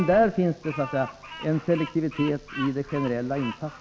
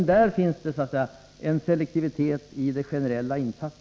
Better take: second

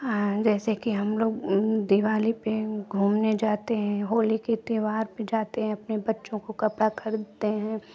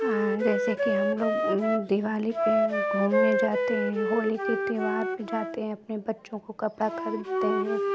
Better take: first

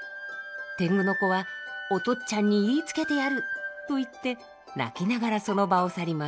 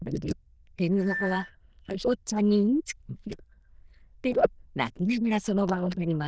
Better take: first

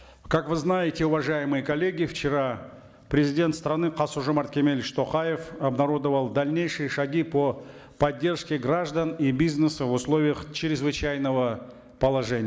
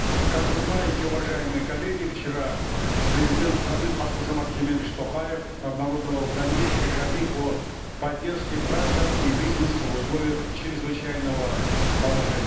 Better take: first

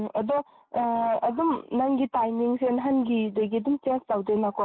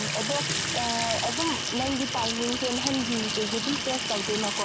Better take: first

